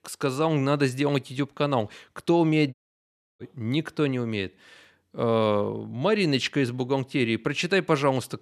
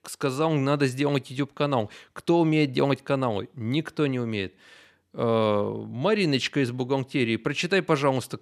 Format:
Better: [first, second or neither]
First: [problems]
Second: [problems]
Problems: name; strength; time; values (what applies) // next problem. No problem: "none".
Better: second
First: audio cutting out; at 2.5 s for 0.5 s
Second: none